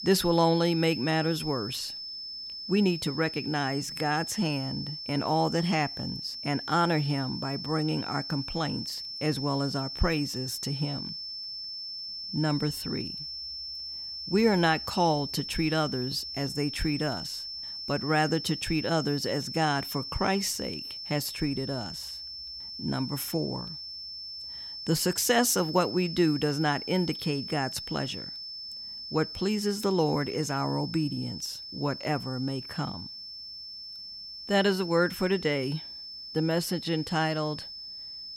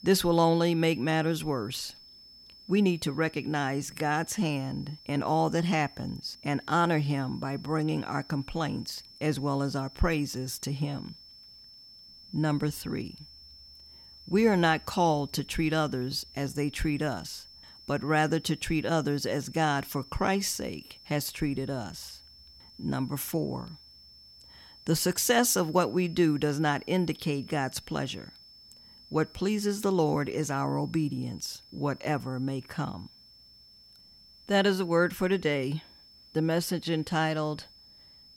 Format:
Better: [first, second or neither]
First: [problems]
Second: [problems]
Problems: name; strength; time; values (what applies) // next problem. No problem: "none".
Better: second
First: high-pitched whine; loud; throughout; 5.5 kHz, 7 dB below the speech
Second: high-pitched whine; faint; throughout; 5.5 kHz, 20 dB below the speech